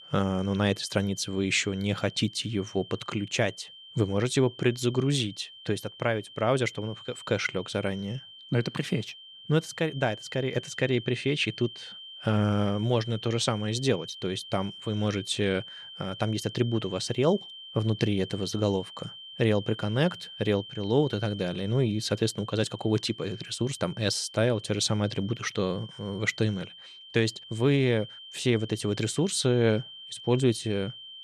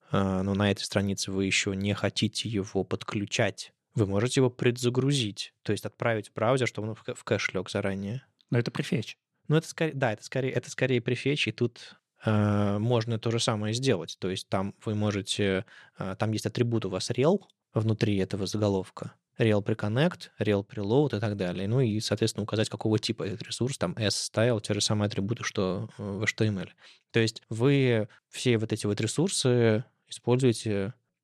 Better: second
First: high-pitched whine; noticeable; throughout; 3 kHz, 15 dB below the speech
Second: none

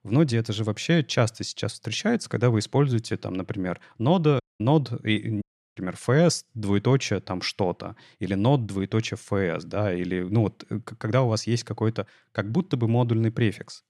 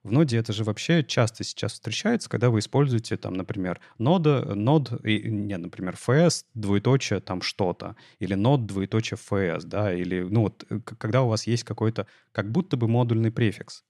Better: second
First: audio cutting out; at 4.5 s and at 5.5 s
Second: none

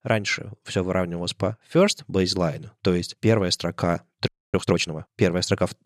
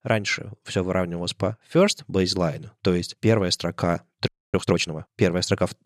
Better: neither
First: audio freezing; at 4.5 s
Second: audio freezing; at 4.5 s

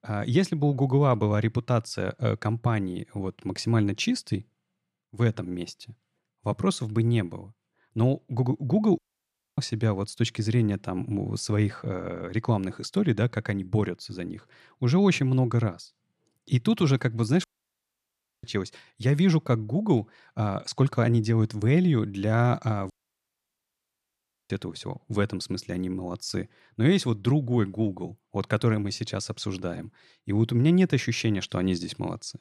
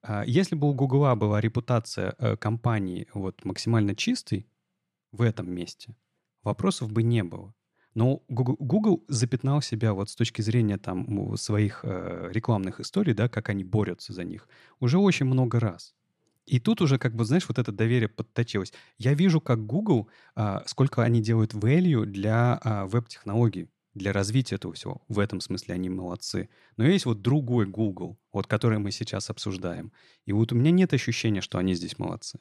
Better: second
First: audio cutting out; at 9 s for 0.5 s, at 17 s for 1 s and at 23 s for 1.5 s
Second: none

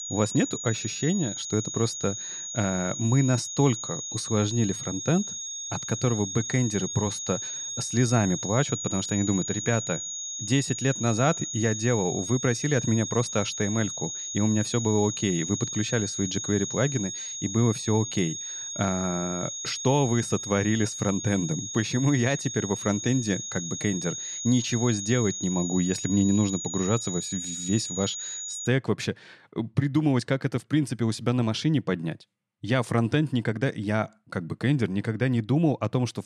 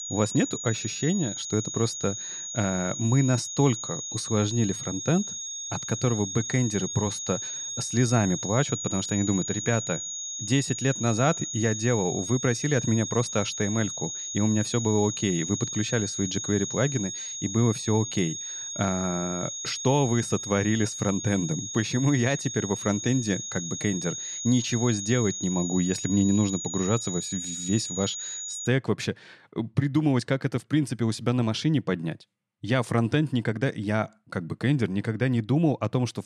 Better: neither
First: high-pitched whine; loud; until 29 s; 6.5 kHz, 5 dB below the speech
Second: high-pitched whine; loud; until 29 s; 6.5 kHz, 5 dB below the speech

